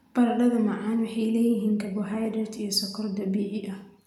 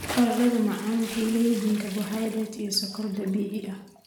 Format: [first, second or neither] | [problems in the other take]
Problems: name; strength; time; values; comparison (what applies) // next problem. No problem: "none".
first | background sound (Bathtub (filling or washing) / Splash, splatter); 14 dB below the speech